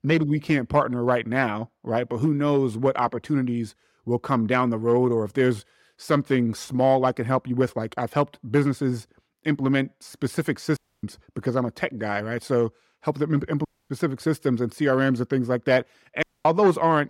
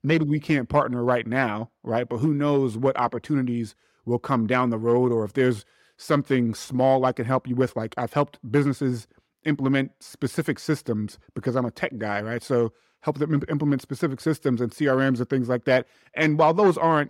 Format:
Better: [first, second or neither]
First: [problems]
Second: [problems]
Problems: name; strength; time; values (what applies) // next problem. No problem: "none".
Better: second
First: audio cutting out; at 11 s, at 14 s and at 16 s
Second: none